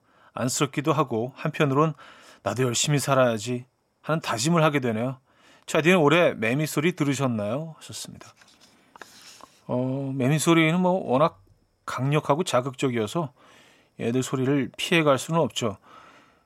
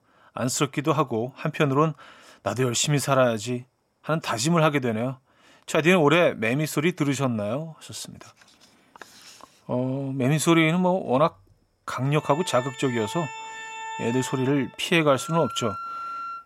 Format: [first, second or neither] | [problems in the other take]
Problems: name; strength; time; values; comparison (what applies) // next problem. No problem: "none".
first | background music; noticeable; from 12 s on; 10 dB below the speech